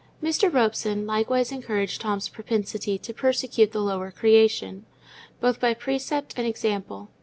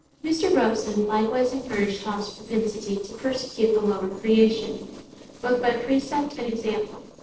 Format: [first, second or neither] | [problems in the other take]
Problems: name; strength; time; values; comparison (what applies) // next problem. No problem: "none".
first | noise reduction (neural separator model SepFormer DNS4)